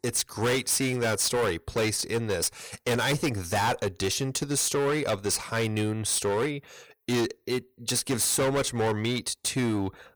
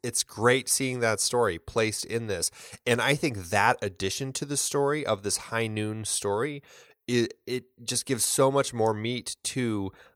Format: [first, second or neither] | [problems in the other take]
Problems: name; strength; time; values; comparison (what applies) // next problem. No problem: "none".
second | distortion; heavy; 15% of the sound clipped